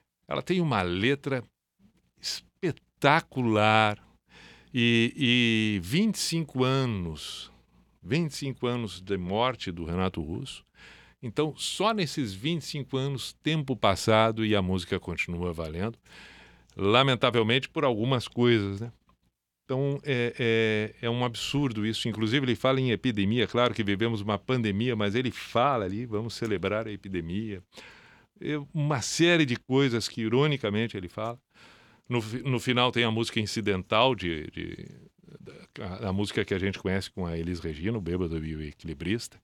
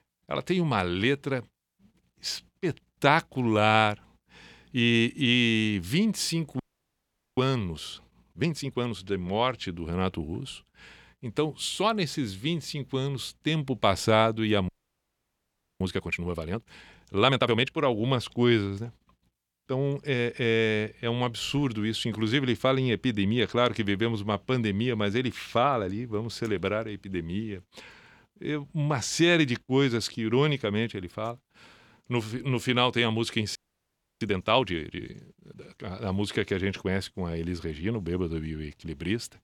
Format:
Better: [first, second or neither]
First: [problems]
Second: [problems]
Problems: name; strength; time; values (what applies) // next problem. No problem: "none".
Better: first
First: none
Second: audio freezing; at 6.5 s for 1 s, at 15 s for 1 s and at 34 s for 0.5 s